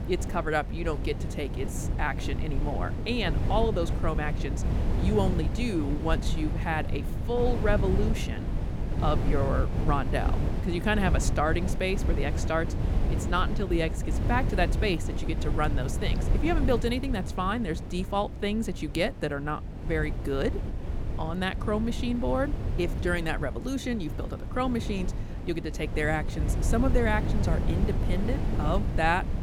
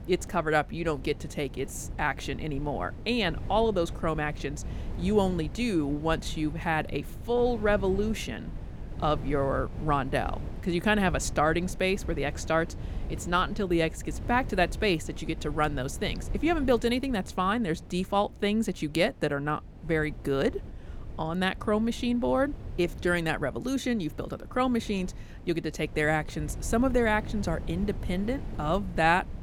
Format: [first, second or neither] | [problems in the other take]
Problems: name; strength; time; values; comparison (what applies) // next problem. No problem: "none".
second | wind noise on the microphone; heavy; 9 dB below the speech; occasional gusts in the second